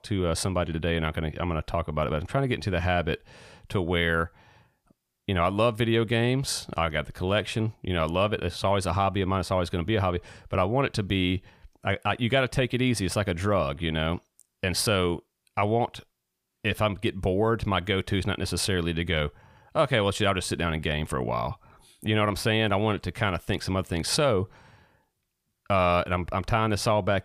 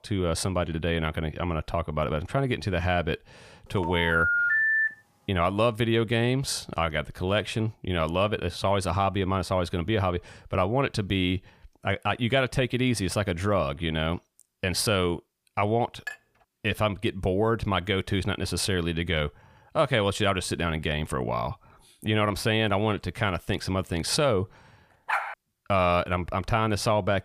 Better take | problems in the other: first | phone ringing; loud; from 4 to 5 s; peak 5 dB above the speech // clattering dishes; faint; at 16 s; peak 10 dB below the speech // dog barking; noticeable; at 25 s; peak 2 dB below the speech

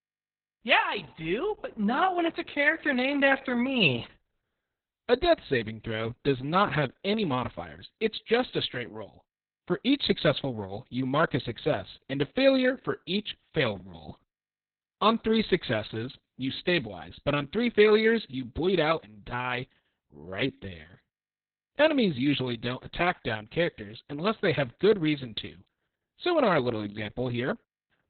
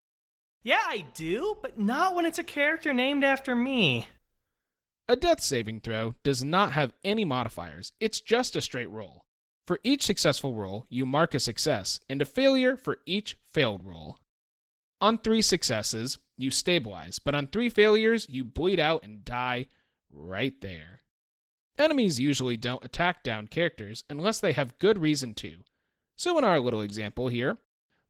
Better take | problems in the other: second | garbled, watery; badly; nothing above 4 kHz; slightly in the second

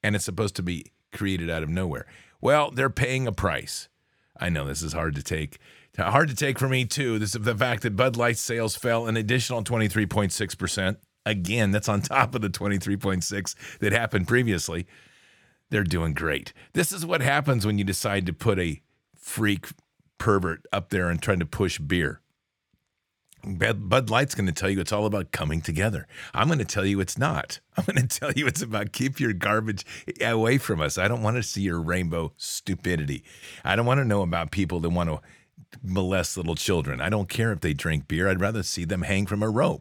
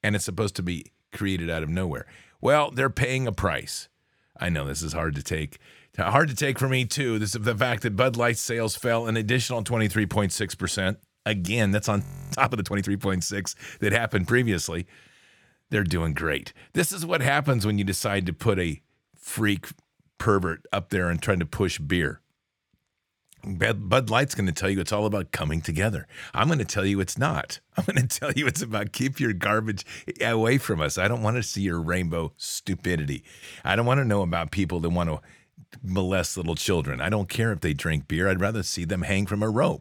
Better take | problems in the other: first | audio freezing; at 12 s

